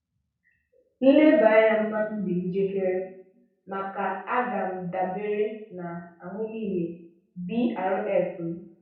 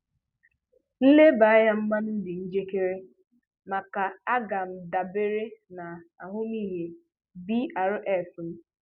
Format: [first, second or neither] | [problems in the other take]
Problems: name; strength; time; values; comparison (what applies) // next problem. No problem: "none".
second | room echo; dies away in 0.6 s